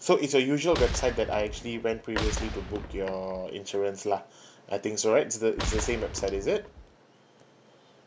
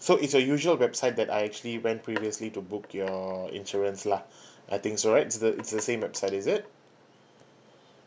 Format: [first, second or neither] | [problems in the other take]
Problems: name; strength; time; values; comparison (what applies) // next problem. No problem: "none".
second | background sound (Boom); 6 dB below the speech